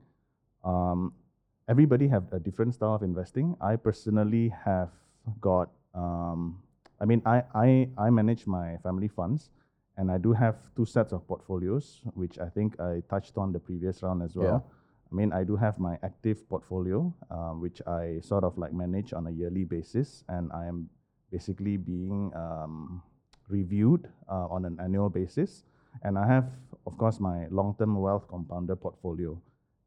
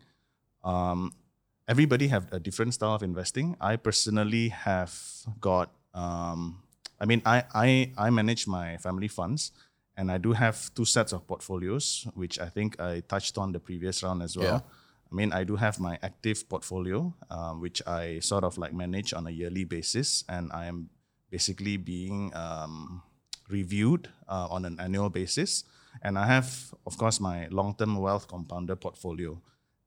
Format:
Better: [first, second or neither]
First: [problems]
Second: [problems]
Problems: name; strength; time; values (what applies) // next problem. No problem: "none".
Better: second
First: muffled; very; fading above 2 kHz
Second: none